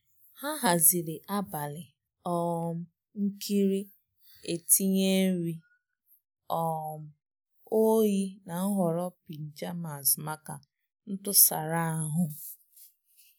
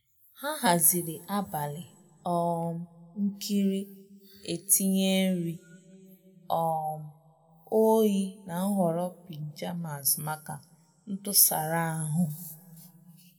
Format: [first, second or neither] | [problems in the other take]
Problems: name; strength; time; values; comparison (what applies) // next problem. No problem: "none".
first | room echo; dies away in 1 s